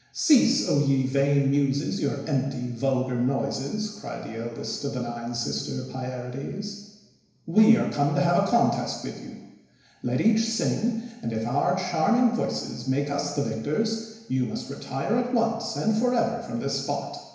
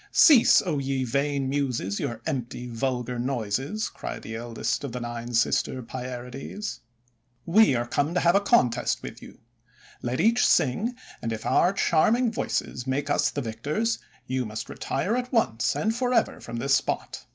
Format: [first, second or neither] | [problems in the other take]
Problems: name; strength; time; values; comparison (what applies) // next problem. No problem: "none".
second | room echo; dies away in 1 s